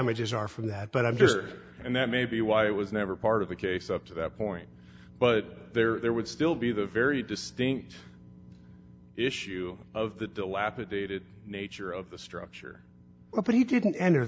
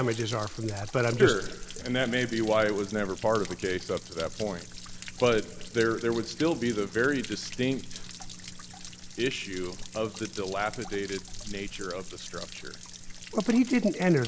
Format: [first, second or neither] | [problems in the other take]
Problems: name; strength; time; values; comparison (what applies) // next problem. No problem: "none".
first | background sound (Stream / Trickle, dribble / Splash, splatter); 12 dB below the speech